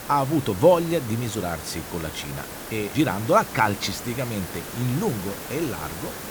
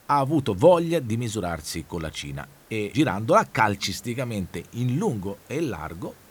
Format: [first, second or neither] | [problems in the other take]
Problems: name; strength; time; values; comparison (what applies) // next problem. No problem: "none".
second | hiss; loud; throughout; 10 dB below the speech; faint in the second